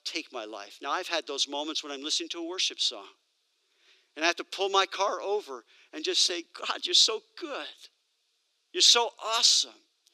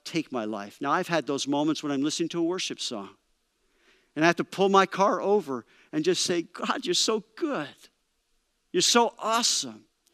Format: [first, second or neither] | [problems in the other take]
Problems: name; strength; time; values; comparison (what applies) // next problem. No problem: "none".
second | thin; somewhat; fading below 350 Hz